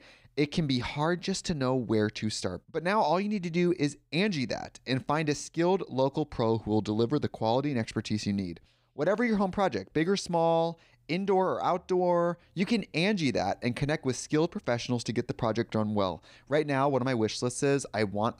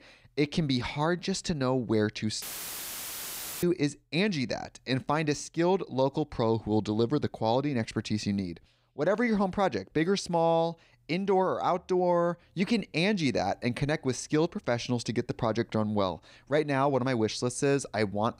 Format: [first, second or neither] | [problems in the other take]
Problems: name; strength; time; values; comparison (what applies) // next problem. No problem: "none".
first | audio cutting out; filled with static; at 2.5 s for 1 s